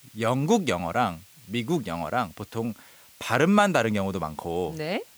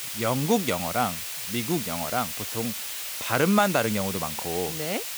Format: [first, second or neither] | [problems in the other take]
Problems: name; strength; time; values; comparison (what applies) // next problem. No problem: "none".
first | hiss; loud; throughout; 4 dB below the speech; faint in the first